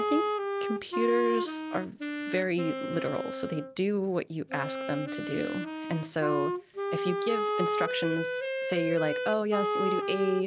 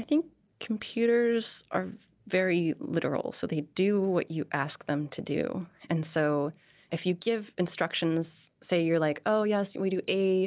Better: second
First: background sound (Wind instrument, woodwind instrument); 1 dB below the speech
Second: none

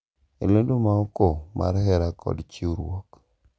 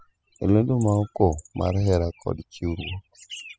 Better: first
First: none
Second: noise reduction (classical method spectral subtraction)

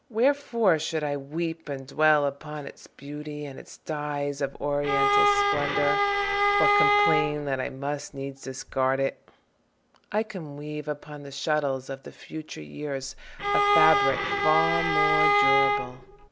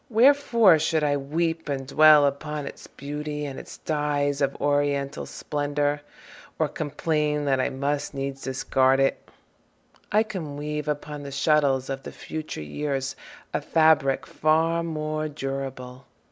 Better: second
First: background sound (Bowed string instrument); 5 dB above the speech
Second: none

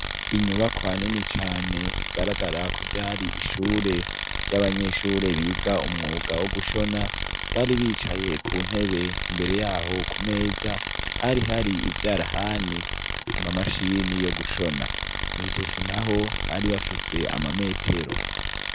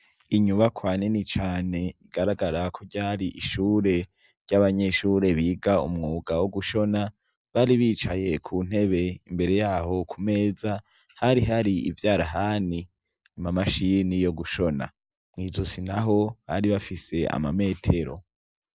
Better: second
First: background sound (Tools); 2 dB below the speech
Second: none

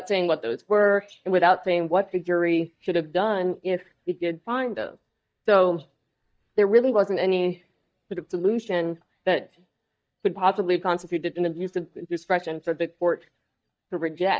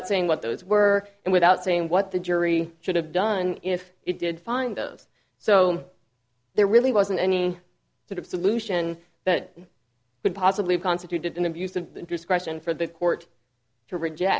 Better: second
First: noise reduction (neural mask model DeepFilterNet 3)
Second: none

